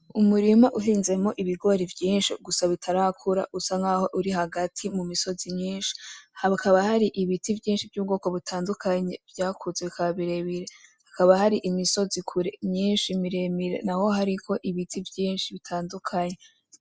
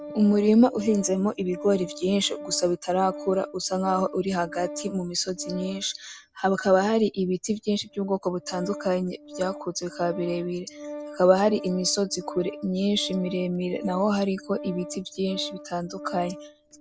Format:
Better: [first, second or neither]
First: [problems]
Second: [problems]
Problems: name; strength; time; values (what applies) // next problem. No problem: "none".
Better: first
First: none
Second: background sound (Organ); 15 dB below the speech